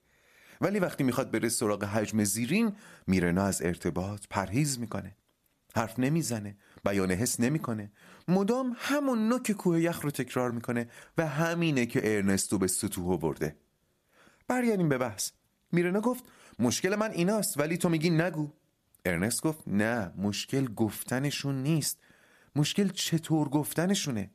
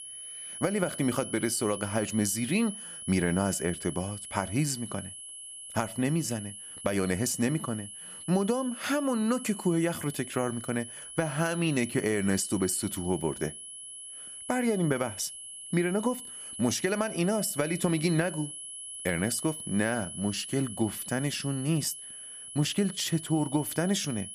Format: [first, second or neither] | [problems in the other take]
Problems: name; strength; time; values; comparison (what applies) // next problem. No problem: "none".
first | high-pitched whine; loud; throughout; 10.5 kHz, 10 dB below the speech